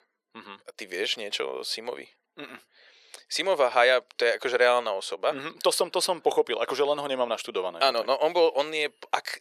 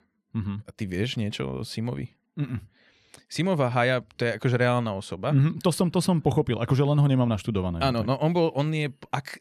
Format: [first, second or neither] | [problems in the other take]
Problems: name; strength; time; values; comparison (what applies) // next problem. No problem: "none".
second | thin; very; fading below 450 Hz